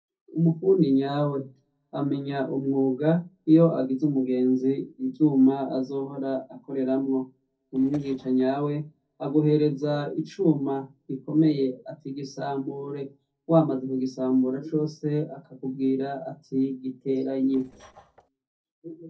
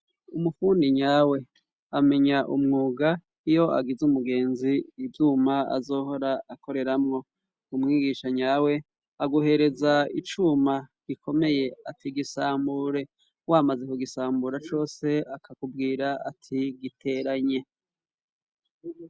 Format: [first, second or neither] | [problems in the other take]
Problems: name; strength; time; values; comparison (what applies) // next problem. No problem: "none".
second | noise reduction (neural separator model SepFormer DNS4)